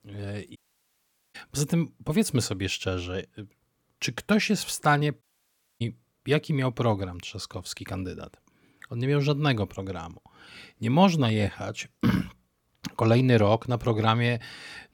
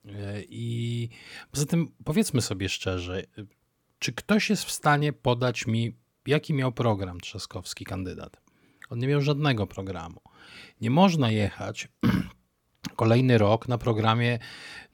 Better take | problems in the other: second | audio cutting out; at 0.5 s for 1 s and at 5 s for 0.5 s

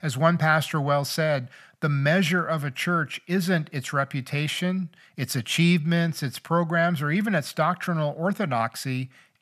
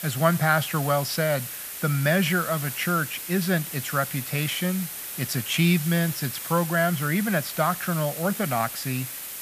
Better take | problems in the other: first | hiss; loud; throughout; 7 dB below the speech

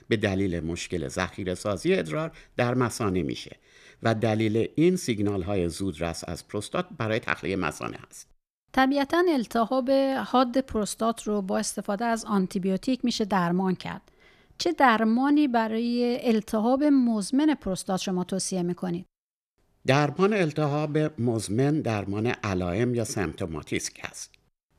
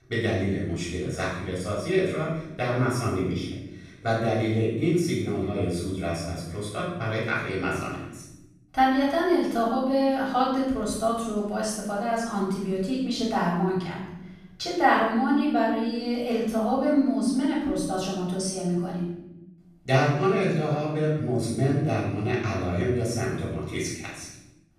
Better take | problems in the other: first | off-mic speech; far // room echo; noticeable; dies away in 0.8 s

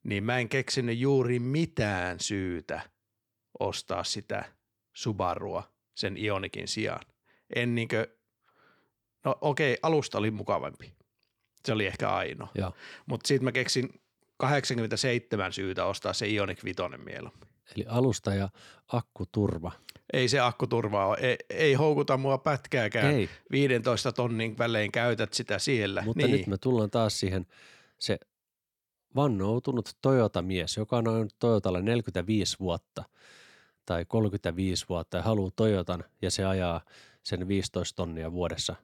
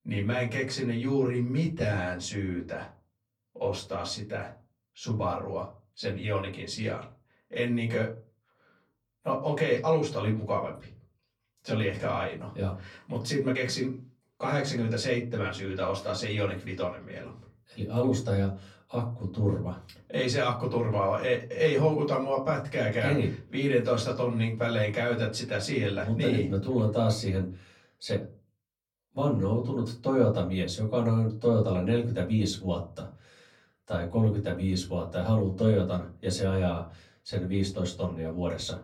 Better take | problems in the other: first | off-mic speech; far // room echo; very slight; dies away in 0.3 s

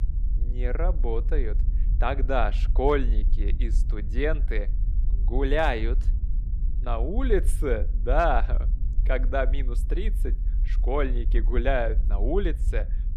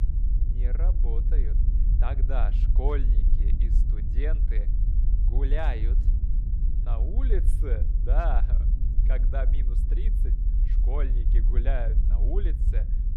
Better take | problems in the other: first | low rumble; loud; throughout; 8 dB below the speech; faint in the first

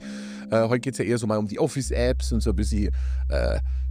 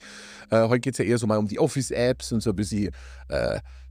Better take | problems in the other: second | background music; loud; throughout; 3 dB below the speech; faint in the second

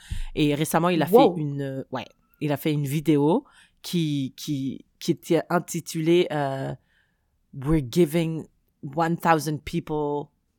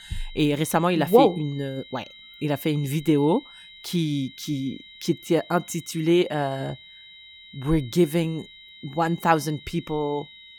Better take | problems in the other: first | high-pitched whine; noticeable; throughout; 4 kHz, 20 dB below the speech

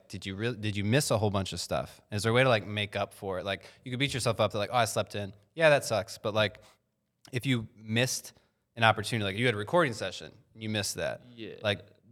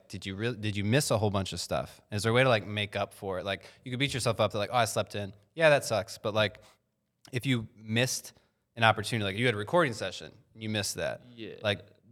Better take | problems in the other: neither | none

